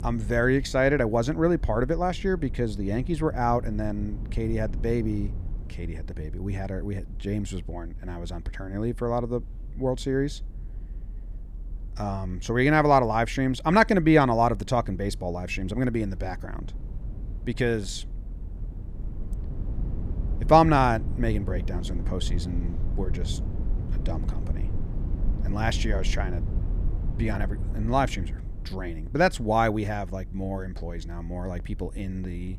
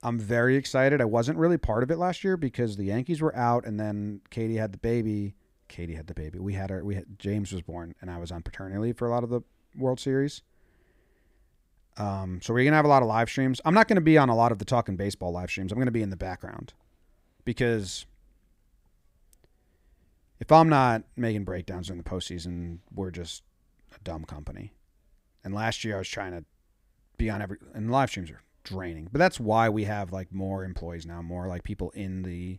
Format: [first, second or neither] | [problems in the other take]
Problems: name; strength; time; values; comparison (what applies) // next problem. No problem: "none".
second | low rumble; faint; throughout; 25 dB below the speech